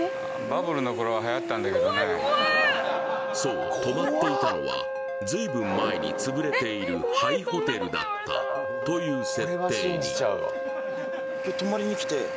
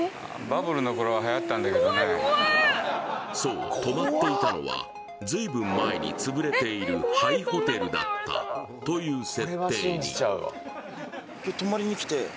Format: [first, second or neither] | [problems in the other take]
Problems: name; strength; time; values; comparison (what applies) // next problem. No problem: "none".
second | background sound (Wind instrument, woodwind instrument); 5 dB below the speech